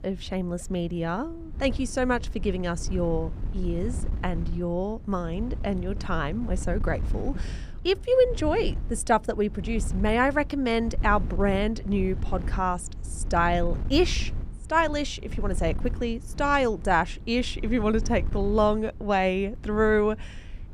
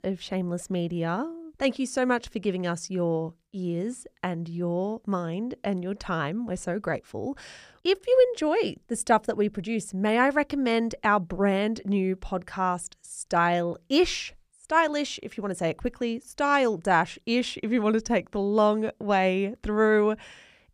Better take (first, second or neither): second